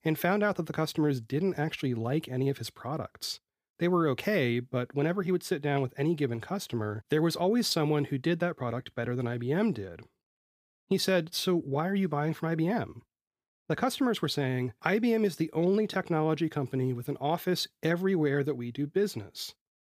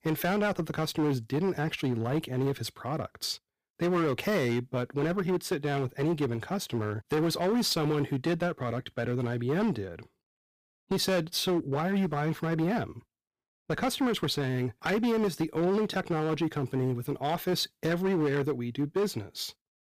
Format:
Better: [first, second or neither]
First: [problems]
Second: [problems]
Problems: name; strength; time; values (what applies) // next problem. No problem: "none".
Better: first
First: none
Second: distortion; slight; 12% of the sound clipped